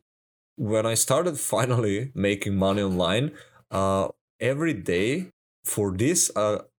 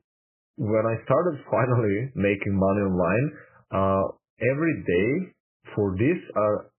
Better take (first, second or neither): first